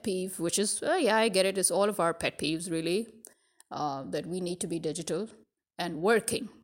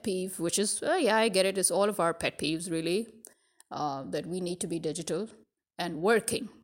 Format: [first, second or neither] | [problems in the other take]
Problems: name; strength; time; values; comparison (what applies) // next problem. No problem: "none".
neither | none